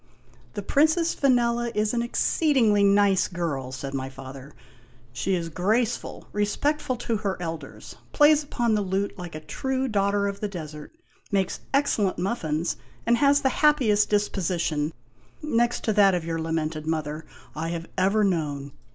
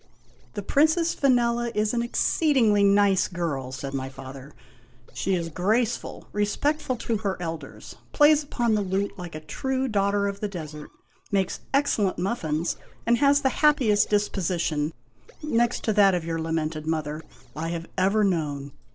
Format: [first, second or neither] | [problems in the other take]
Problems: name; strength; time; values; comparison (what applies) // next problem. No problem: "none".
first | noise reduction (neural separator model SepFormer DNS4)